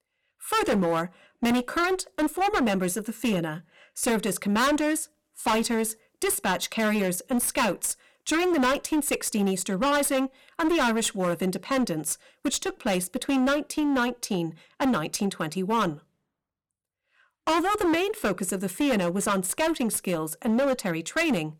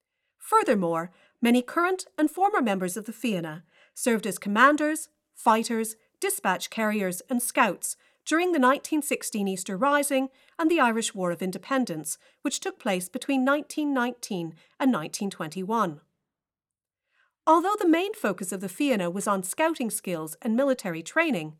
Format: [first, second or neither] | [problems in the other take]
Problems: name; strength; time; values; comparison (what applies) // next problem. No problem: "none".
second | distortion; heavy; 15% of the sound clipped